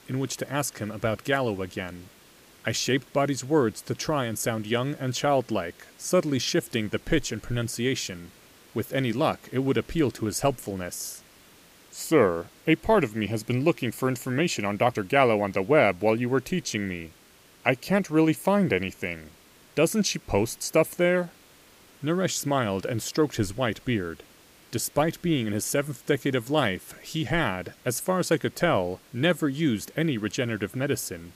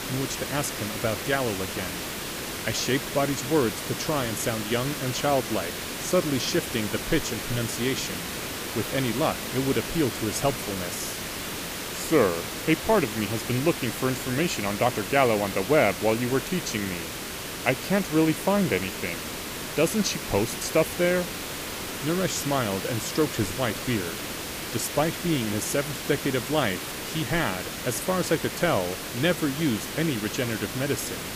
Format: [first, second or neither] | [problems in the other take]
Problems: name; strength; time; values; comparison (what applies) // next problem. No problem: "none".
first | hiss; loud; throughout; 5 dB below the speech; faint in the first